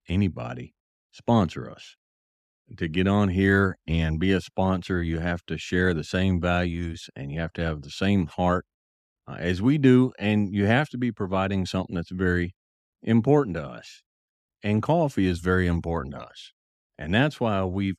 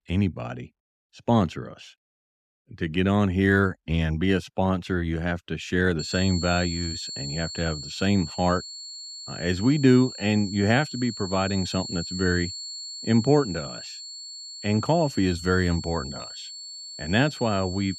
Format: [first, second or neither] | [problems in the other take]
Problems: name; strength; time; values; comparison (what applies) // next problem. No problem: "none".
first | high-pitched whine; loud; from 6 s on; 4.5 kHz, 10 dB below the speech